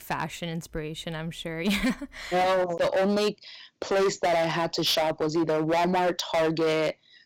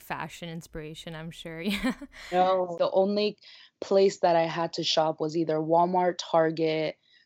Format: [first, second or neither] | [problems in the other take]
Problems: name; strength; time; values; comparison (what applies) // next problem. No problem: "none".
second | distortion; heavy; 16% of the sound clipped